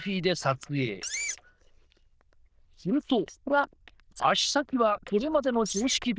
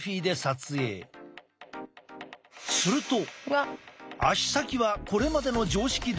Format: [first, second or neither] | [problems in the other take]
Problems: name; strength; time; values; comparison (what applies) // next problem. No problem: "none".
second | noise reduction (neural diffusion model UNIVERSE++)